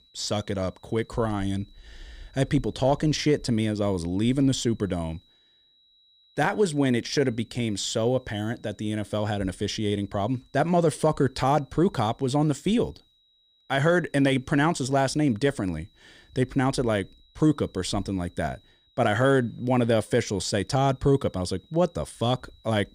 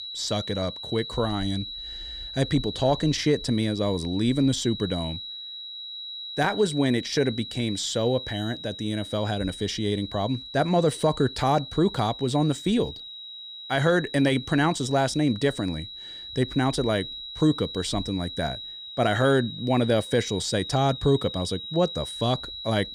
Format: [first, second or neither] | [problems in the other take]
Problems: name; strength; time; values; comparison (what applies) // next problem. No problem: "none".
first | high-pitched whine; loud; throughout; 4 kHz, 10 dB below the speech; faint in the first